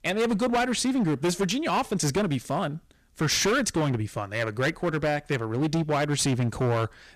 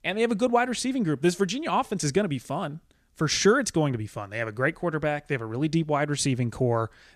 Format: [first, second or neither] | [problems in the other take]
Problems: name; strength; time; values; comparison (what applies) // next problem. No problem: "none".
second | distortion; heavy; 16% of the sound clipped